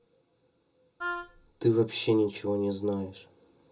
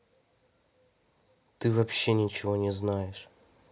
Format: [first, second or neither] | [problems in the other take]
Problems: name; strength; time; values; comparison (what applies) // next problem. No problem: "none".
second | background sound (Wind instrument, woodwind instrument); 7 dB below the speech // room echo; dies away in 0.2 s